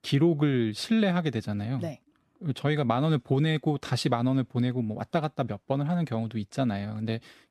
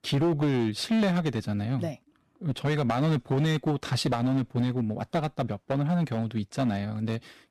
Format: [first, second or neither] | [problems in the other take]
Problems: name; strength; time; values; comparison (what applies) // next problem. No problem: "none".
first | distortion; slight; 9% of the sound clipped